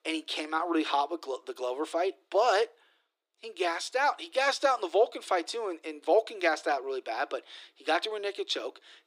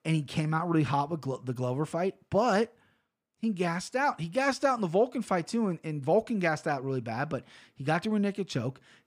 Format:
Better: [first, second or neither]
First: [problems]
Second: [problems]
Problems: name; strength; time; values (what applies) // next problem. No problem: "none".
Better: second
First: thin; very; fading below 300 Hz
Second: none